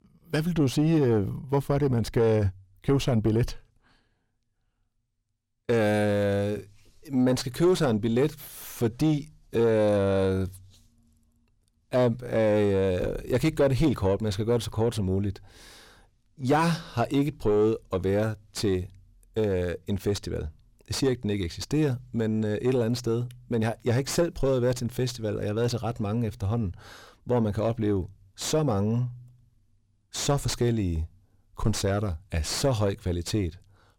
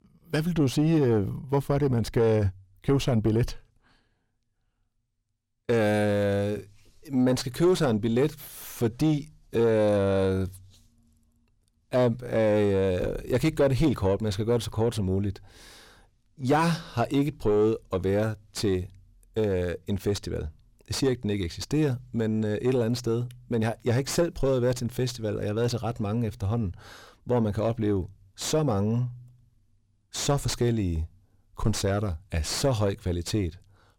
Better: neither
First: distortion; slight; 10 dB below the speech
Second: distortion; slight; 10 dB below the speech

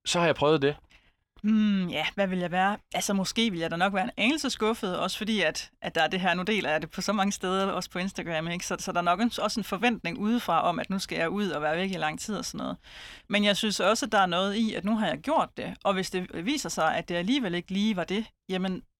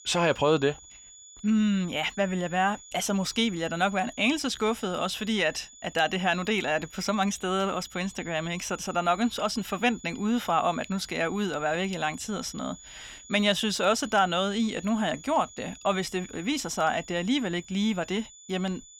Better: first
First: none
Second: high-pitched whine; noticeable; throughout; 7 kHz, 20 dB below the speech

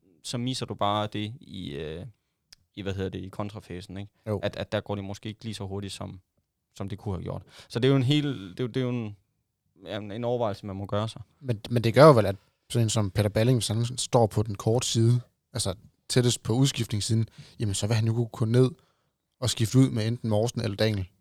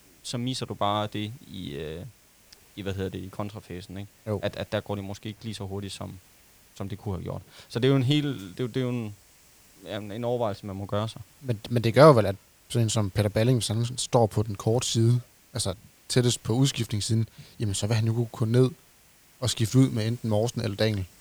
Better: first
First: none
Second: hiss; faint; throughout; 30 dB below the speech

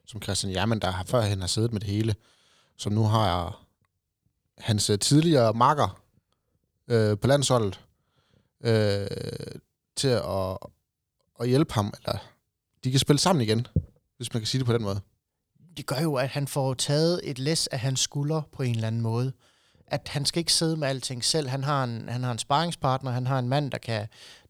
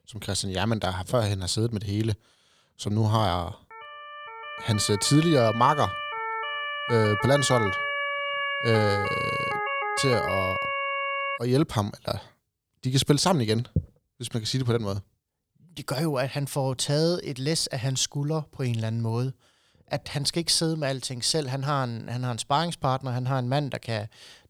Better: first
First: none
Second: siren; noticeable; from 3.5 to 11 s; peak 1 dB below the speech

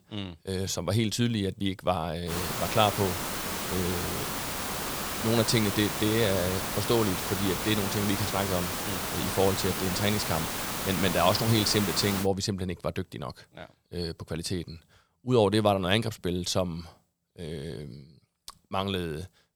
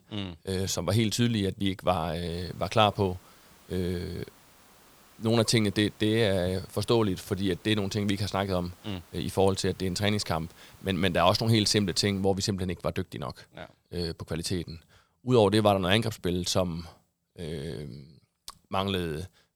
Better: second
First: hiss; loud; from 2.5 to 12 s; 2 dB below the speech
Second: hiss; faint; from 2.5 to 12 s; 25 dB below the speech

